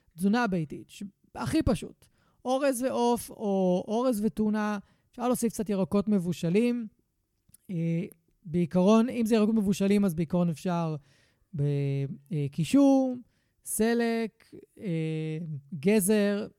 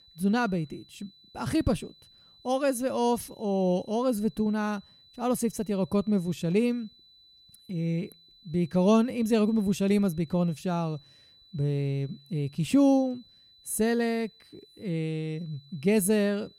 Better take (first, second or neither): first